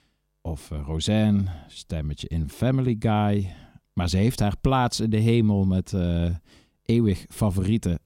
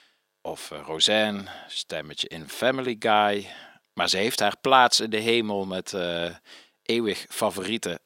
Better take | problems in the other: first | thin; very; fading below 550 Hz

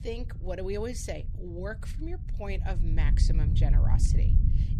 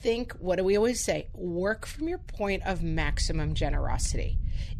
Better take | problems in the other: second | low rumble; loud; throughout; 7 dB below the speech; faint in the second

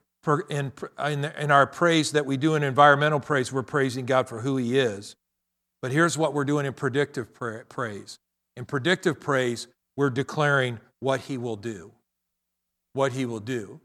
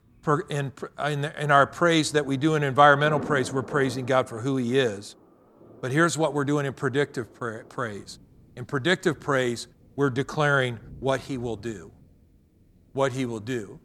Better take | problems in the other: first | rain or running water; noticeable; throughout; 20 dB below the speech

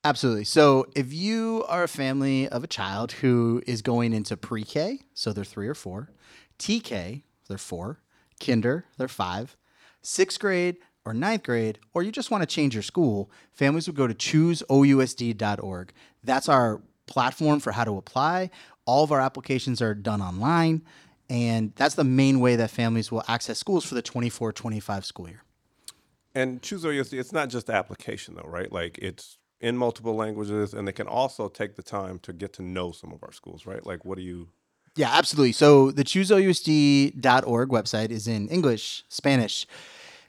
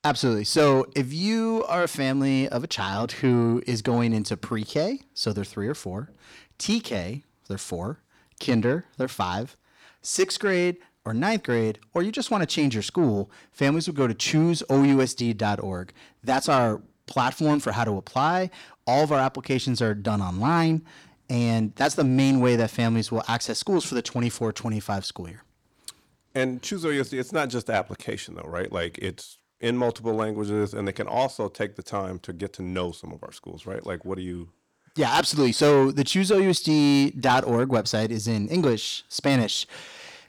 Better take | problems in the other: first | distortion; slight; 10 dB below the speech

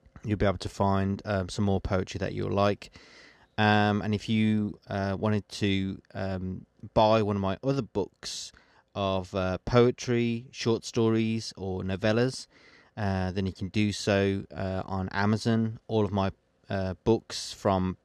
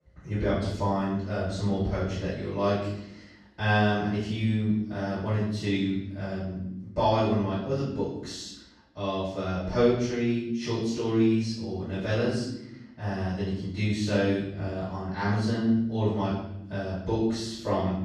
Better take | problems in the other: first | off-mic speech; far // room echo; strong; dies away in 0.8 s

